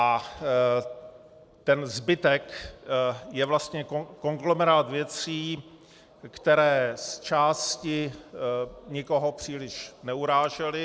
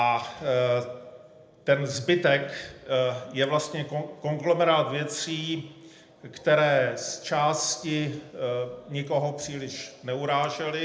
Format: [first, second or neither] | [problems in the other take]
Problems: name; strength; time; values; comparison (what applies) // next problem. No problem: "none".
first | room echo; dies away in 0.7 s